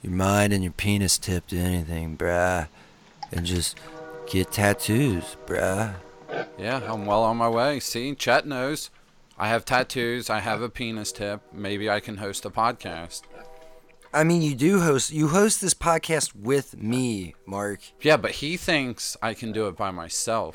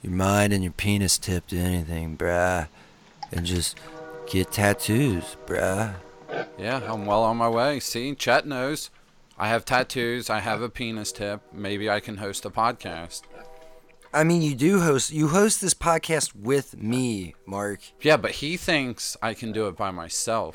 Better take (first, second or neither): neither